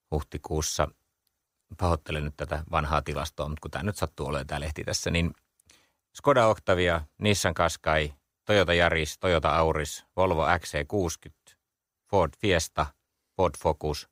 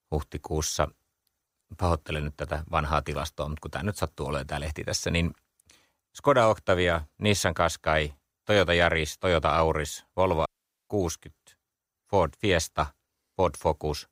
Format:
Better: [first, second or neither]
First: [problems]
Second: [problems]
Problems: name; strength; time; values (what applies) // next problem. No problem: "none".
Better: first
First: none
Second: audio cutting out; at 10 s